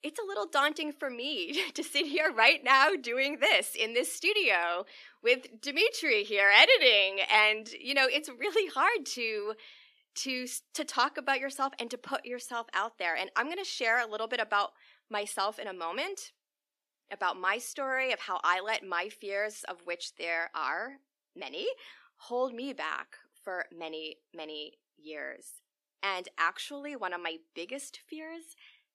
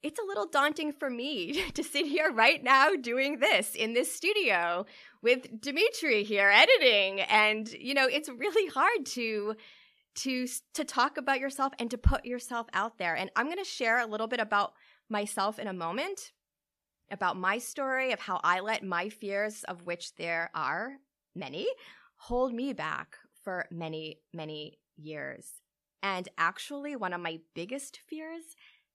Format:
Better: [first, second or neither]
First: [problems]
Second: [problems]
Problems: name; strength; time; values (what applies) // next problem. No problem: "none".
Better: second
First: thin; very slightly; fading below 300 Hz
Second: none